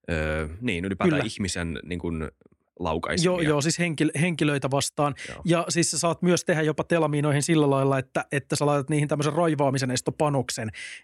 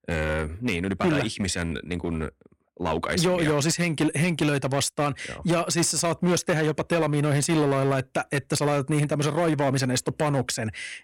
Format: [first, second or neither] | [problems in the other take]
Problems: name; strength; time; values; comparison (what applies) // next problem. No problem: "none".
first | distortion; slight; 10% of the sound clipped